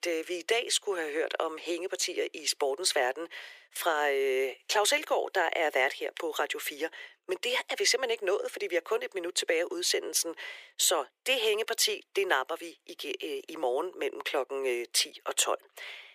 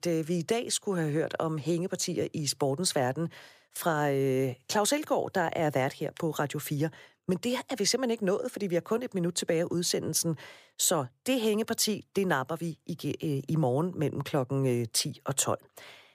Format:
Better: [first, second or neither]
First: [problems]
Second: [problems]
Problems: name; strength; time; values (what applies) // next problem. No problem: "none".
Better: second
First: thin; very; fading below 350 Hz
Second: none